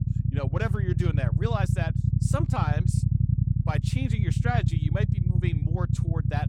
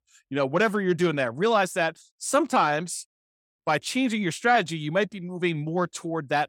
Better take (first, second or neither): second